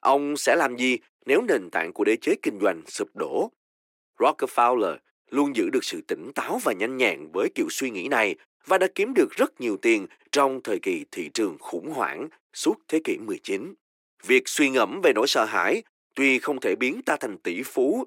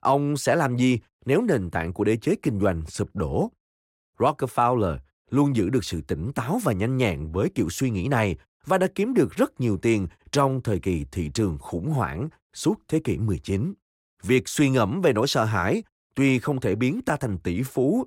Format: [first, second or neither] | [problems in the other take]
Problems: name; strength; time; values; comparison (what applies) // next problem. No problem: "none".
second | thin; somewhat; fading below 300 Hz